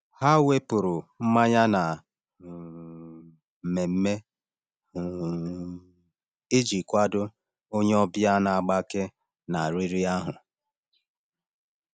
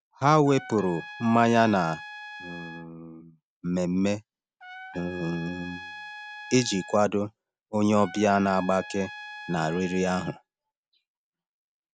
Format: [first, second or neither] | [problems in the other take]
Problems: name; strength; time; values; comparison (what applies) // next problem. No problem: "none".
first | background sound (Trumpet); 15 dB below the speech